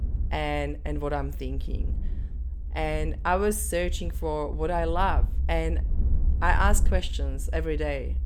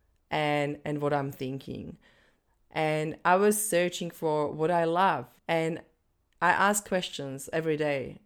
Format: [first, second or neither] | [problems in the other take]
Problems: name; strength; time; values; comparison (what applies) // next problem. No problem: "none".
second | low rumble; faint; throughout; 20 dB below the speech